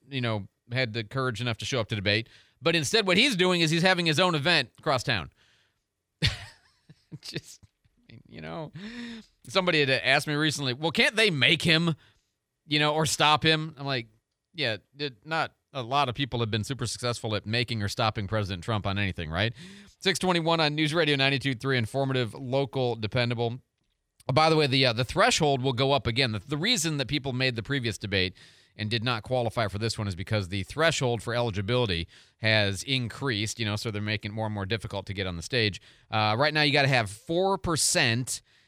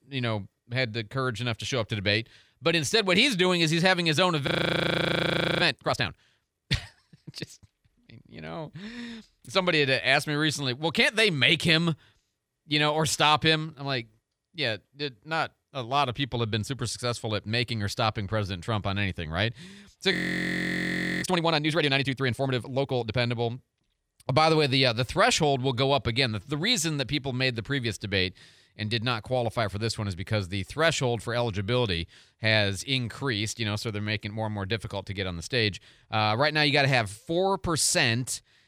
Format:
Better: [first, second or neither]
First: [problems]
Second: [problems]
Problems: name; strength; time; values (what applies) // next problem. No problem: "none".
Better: first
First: none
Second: audio freezing; at 4.5 s for 1 s and at 20 s for 1 s